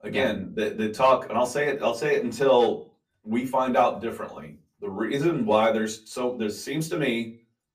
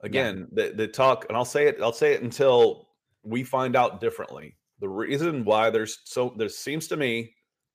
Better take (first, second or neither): second